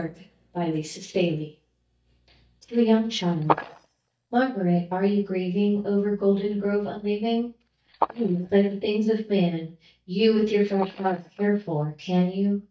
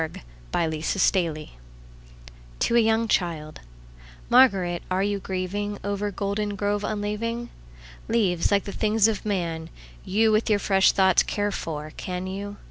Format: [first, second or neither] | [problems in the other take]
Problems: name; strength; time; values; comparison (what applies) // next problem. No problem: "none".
second | noise reduction (neural mask model DeepFilterNet 3)